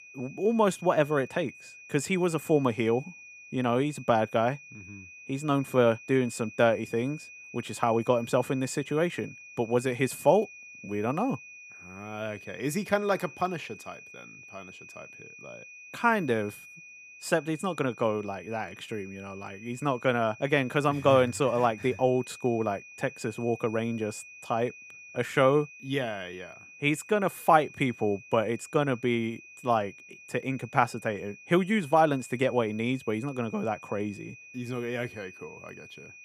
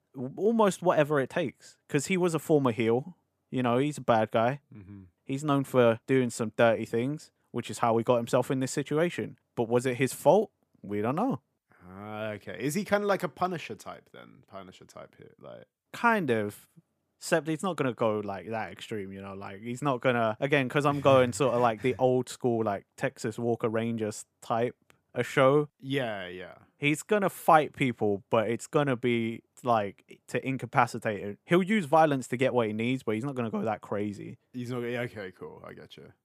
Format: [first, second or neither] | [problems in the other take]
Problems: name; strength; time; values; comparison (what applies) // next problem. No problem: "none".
second | high-pitched whine; noticeable; throughout; 2.5 kHz, 20 dB below the speech